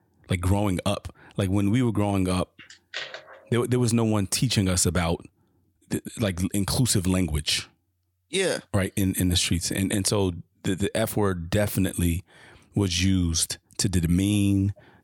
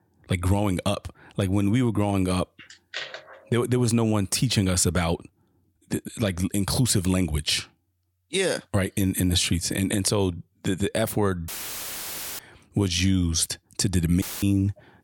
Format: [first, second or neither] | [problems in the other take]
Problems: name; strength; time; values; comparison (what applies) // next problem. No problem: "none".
first | audio cutting out; filled with static; at 11 s for 1 s and at 14 s